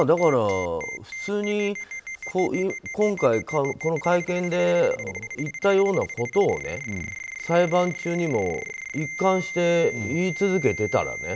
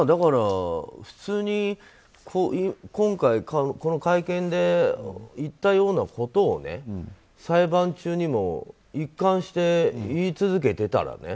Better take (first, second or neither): second